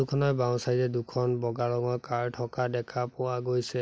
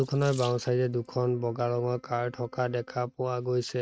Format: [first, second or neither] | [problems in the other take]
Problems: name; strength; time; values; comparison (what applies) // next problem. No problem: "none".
first | noise reduction (neural mask model RNNoise)